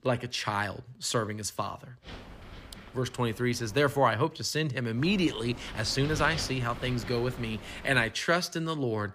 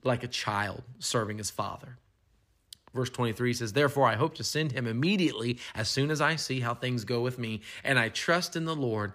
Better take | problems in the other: second | wind noise on the microphone; occasional gusts; from 2 to 4 s and from 5 to 8 s; 15 dB below the speech

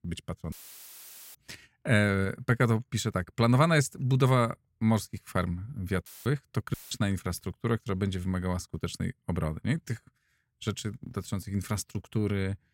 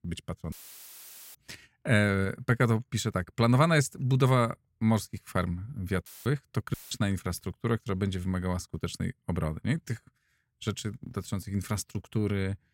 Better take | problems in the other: neither | audio cutting out; filled with static; at 0.5 s for 1 s, at 6 s and at 6.5 s; the same in both

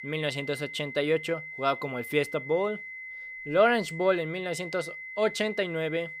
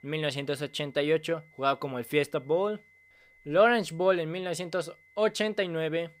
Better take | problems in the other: second | high-pitched whine; loud; throughout; 2 kHz, 10 dB below the speech; faint in the second

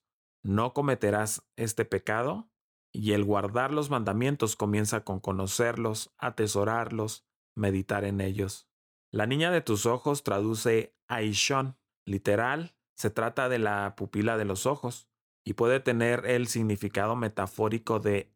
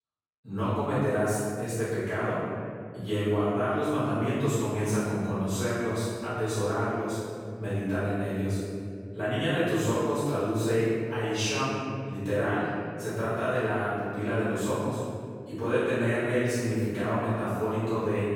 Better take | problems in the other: first | off-mic speech; far // room echo; strong; dies away in 2.2 s

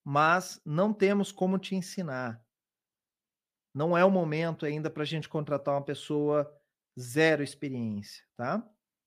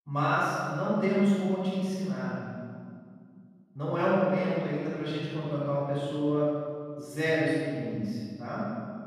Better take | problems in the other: first | off-mic speech; far // room echo; strong; dies away in 2 s

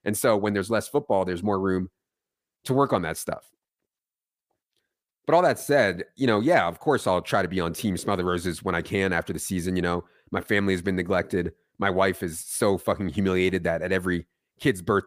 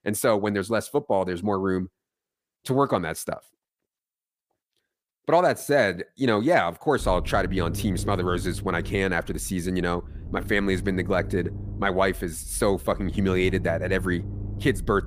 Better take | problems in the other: first | low rumble; faint; from 7 s on; 20 dB below the speech

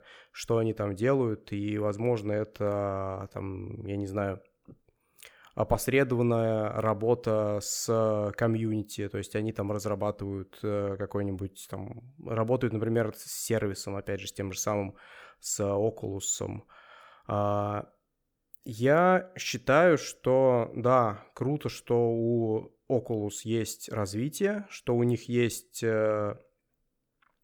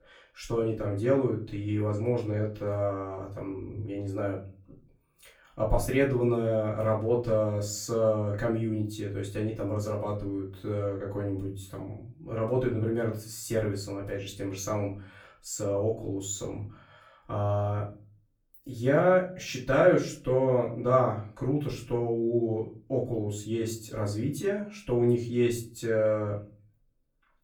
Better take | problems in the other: first | off-mic speech; far // room echo; slight; dies away in 0.4 s

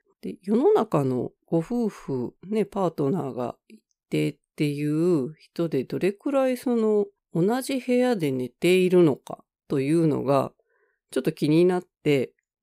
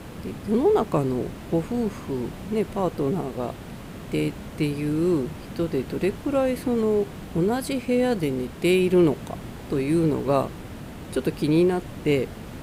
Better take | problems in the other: first | hiss; noticeable; throughout; 15 dB below the speech

